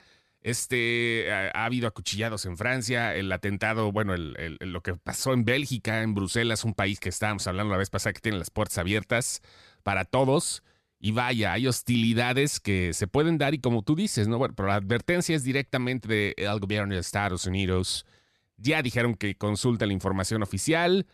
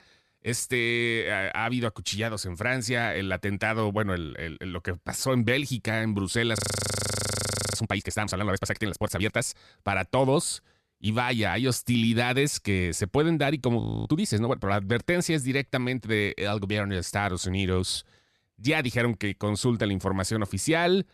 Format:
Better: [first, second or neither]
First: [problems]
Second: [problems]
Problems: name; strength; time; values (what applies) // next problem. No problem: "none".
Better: first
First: none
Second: audio freezing; at 6.5 s for 1 s and at 14 s